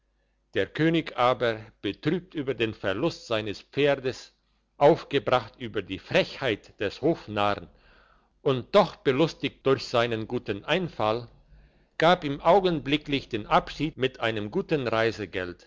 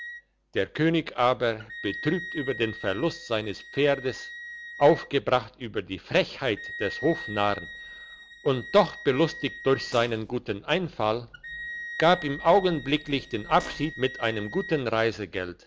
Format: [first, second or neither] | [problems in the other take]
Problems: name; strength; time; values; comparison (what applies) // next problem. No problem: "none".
first | background sound (Fart + Wind instrument, woodwind instrument); 14 dB below the speech